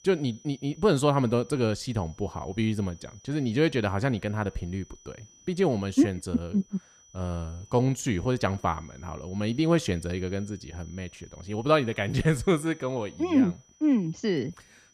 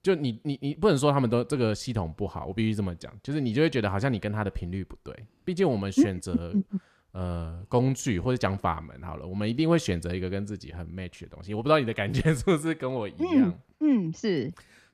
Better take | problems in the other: second | high-pitched whine; faint; throughout; 6 kHz, 25 dB below the speech

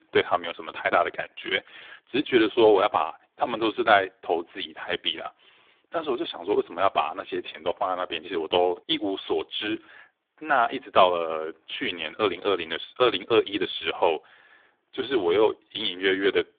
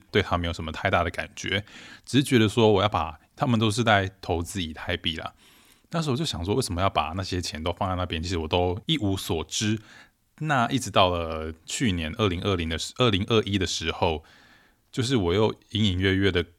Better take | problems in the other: second | phone-call audio; poor line; nothing above 3.5 kHz

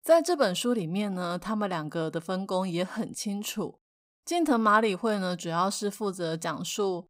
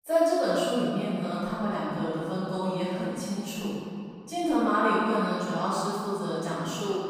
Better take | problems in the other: first | off-mic speech; far // room echo; strong; dies away in 2.4 s

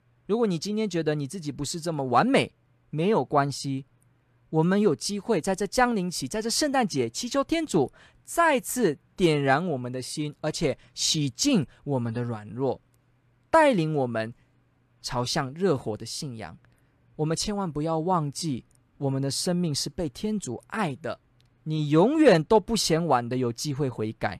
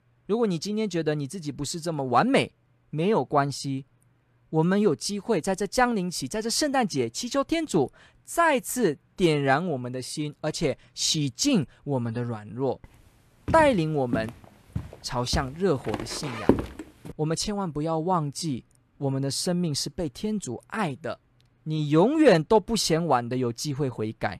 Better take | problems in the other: first | footsteps; loud; from 13 to 17 s; peak 1 dB above the speech

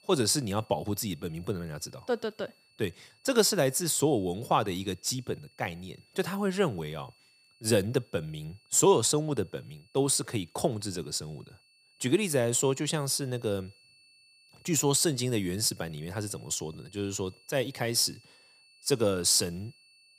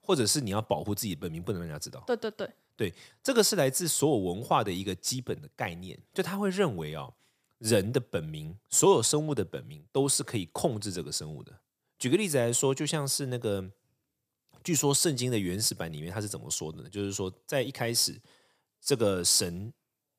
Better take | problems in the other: second | high-pitched whine; faint; throughout; 4.5 kHz, 30 dB below the speech

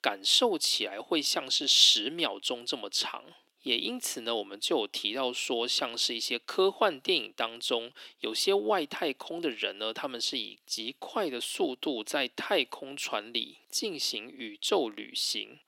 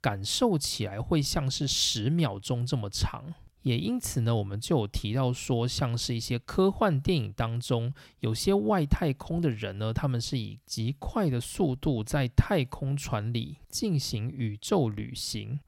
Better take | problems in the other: second | thin; very; fading below 300 Hz

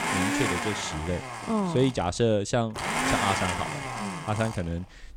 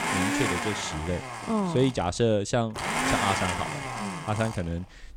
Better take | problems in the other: neither | household noises; loud; throughout; 1 dB below the speech; the same in both

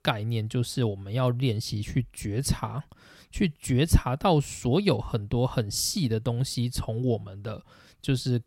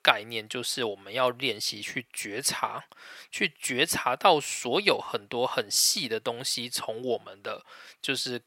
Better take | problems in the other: first | thin; very; fading below 550 Hz

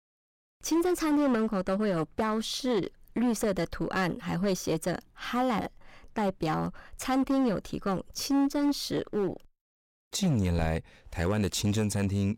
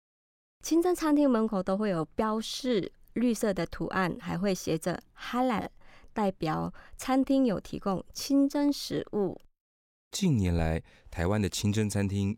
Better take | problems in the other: second | distortion; slight; 9% of the sound clipped

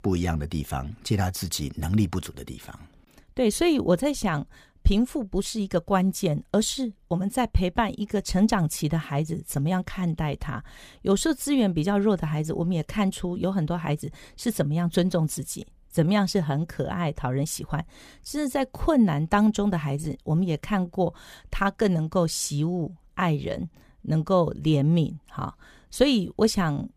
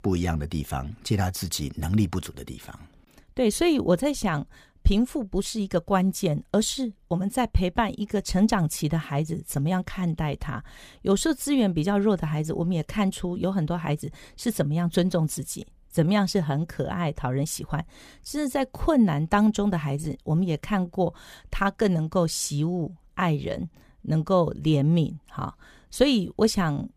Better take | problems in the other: neither | none

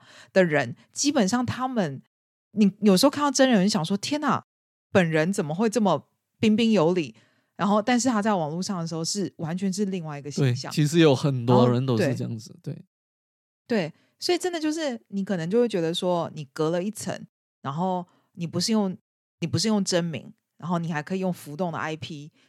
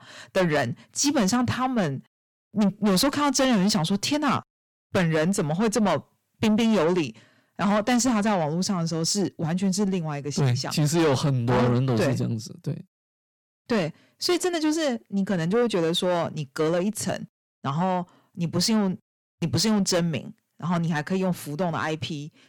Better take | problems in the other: first | distortion; heavy; 7 dB below the speech

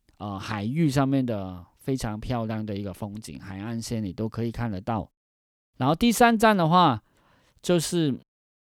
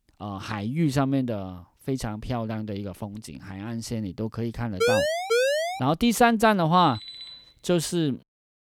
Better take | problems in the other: first | siren; loud; at 5 s; peak 3 dB above the speech // alarm; faint; at 7 s; peak 10 dB below the speech

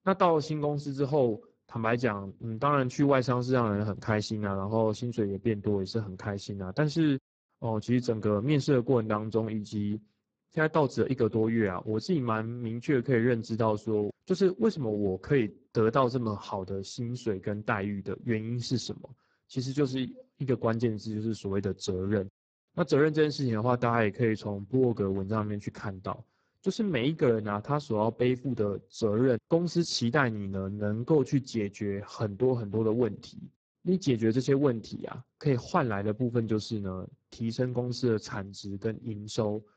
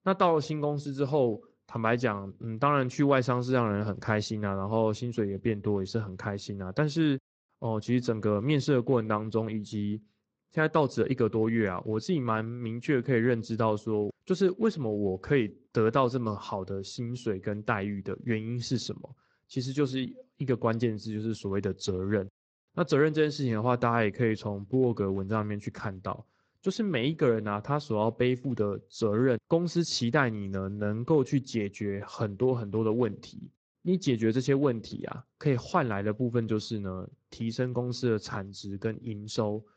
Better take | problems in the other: second | garbled, watery; badly; nothing above 7.5 kHz; slightly in the second

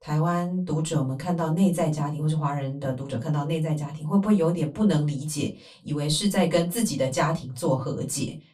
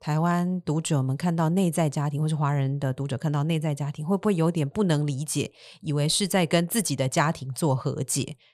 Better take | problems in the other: second | off-mic speech; far // room echo; very slight; dies away in 0.2 s

